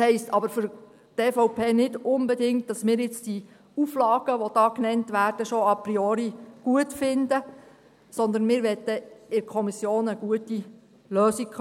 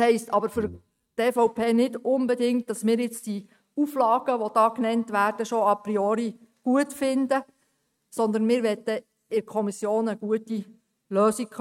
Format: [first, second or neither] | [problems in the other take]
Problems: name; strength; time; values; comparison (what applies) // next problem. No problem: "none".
first | noise reduction (neural mask model RNNoise)